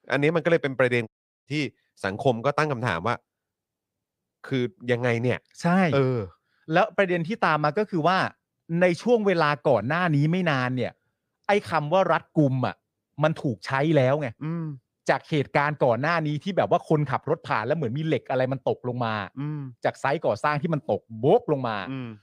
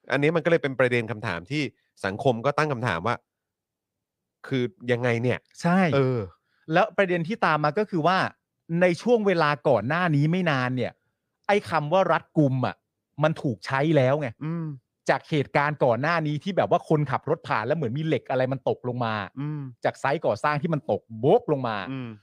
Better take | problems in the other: second | audio cutting out; at 1 s

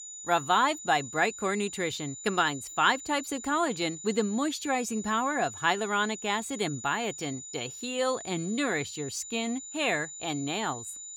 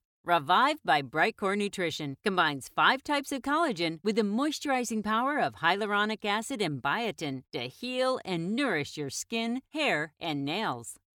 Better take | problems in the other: second | high-pitched whine; noticeable; throughout; 7 kHz, 10 dB below the speech

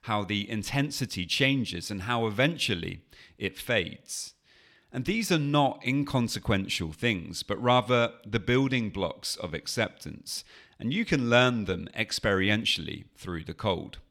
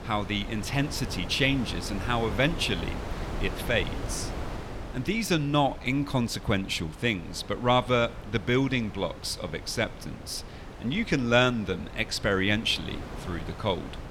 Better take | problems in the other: first | wind noise on the microphone; occasional gusts; 15 dB below the speech

